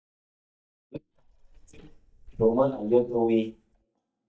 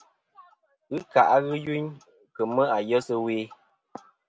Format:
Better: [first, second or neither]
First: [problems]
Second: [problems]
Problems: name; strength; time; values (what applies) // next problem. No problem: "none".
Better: second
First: noise reduction (neural mask model DeepFilterNet 3)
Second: none